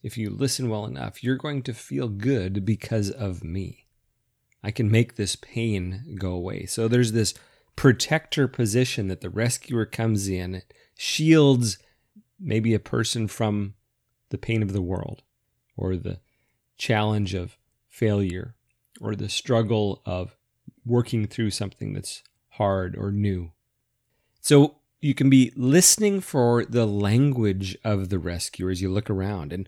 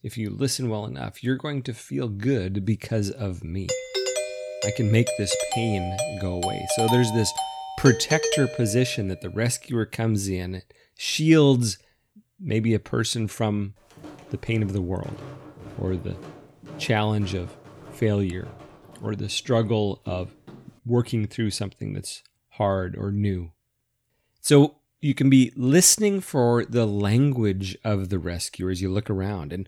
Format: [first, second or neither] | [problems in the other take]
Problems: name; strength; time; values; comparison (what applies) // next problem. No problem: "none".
first | doorbell; noticeable; from 3.5 to 9 s; peak 1 dB below the speech // footsteps; faint; from 14 to 21 s; peak 15 dB below the speech